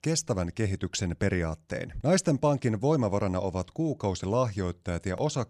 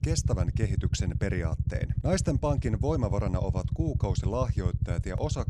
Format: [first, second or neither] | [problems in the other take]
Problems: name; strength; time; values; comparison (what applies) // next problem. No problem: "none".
first | low rumble; loud; throughout; 10 dB below the speech